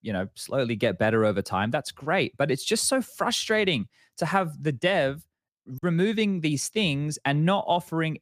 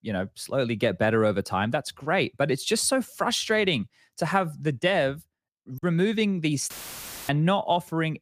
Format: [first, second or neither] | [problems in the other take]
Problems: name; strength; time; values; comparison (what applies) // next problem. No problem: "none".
first | audio cutting out; filled with static; at 6.5 s for 0.5 s